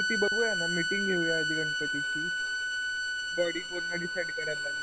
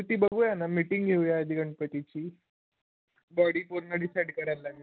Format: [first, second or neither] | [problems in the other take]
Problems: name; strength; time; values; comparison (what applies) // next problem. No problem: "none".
second | background sound (Bowed string instrument); 3 dB above the speech